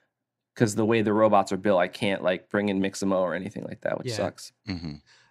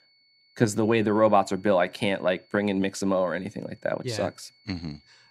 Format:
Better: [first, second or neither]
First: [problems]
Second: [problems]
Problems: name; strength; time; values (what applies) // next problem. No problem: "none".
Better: first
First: none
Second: high-pitched whine; faint; throughout; 4.5 kHz, 35 dB below the speech